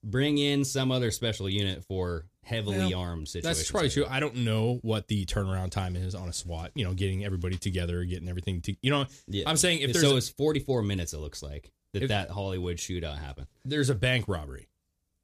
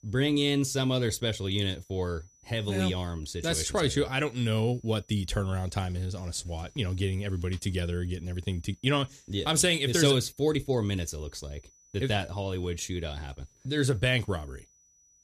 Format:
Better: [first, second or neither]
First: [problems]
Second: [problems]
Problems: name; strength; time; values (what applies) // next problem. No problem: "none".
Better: first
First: none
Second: high-pitched whine; faint; throughout; 6 kHz, 30 dB below the speech